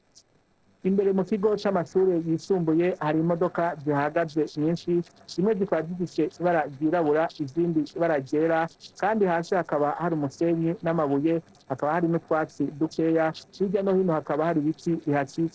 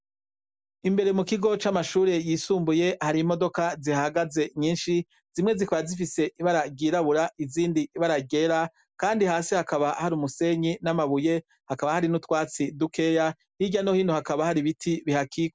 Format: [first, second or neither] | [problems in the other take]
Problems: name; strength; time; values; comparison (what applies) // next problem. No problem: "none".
second | noise reduction (neural separator model SepFormer DNS4)